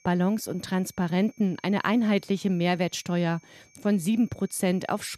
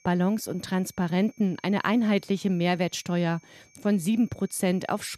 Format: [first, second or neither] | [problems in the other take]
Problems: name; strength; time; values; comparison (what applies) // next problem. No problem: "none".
neither | high-pitched whine; faint; throughout; 2.5 kHz, 30 dB below the speech; the same in both